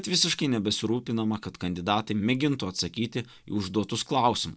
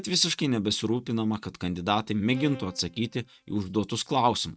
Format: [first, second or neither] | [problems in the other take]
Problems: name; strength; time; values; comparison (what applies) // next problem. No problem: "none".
first | noise reduction (neural mask model RNNoise)